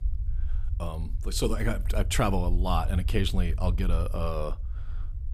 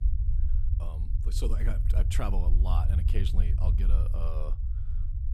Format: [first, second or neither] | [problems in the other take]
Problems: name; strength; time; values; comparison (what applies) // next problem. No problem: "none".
first | low rumble; loud; throughout; 6 dB below the speech; faint in the first